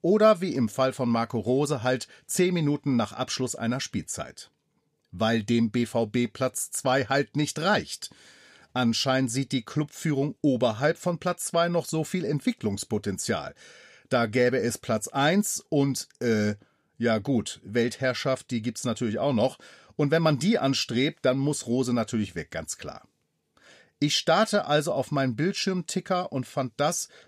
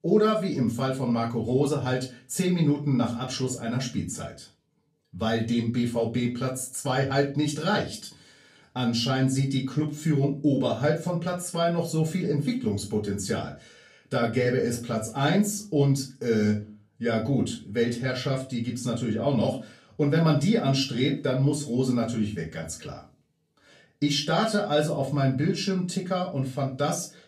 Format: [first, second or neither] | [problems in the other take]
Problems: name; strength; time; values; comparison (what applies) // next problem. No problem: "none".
first | off-mic speech; far // room echo; very slight; dies away in 0.3 s